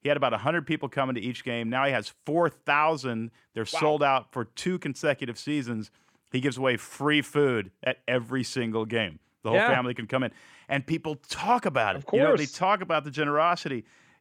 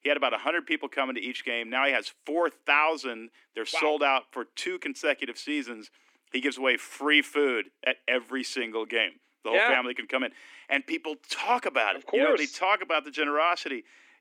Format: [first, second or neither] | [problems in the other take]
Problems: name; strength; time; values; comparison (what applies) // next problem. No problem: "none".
first | thin; very slightly; fading below 250 Hz